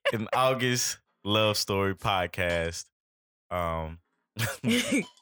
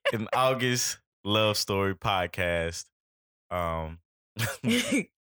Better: second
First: hiss; faint; from 1 to 2.5 s and from 3.5 s on; 25 dB below the speech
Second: none

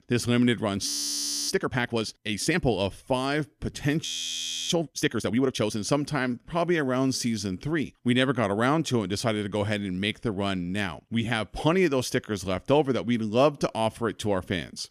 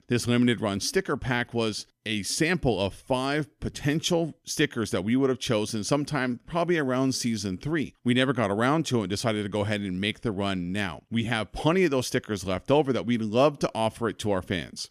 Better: second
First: audio freezing; at 1 s for 0.5 s and at 4 s for 0.5 s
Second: none

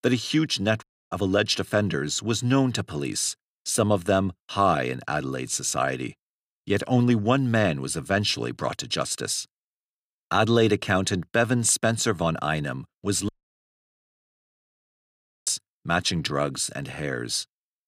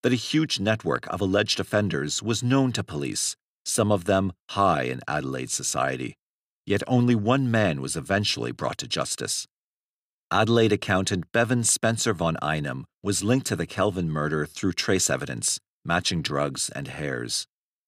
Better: second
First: audio cutting out; at 1 s and at 13 s for 2 s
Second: none

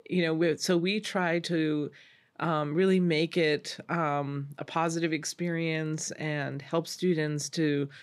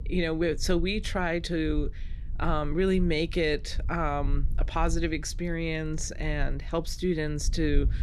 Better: first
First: none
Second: low rumble; faint; throughout; 25 dB below the speech

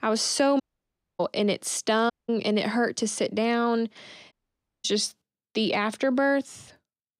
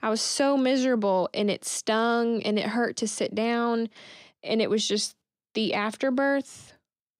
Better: second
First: audio cutting out; at 0.5 s for 0.5 s, at 2 s and at 4.5 s for 0.5 s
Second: none

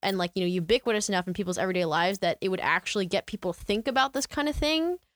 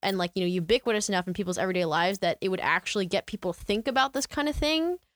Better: neither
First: none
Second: none

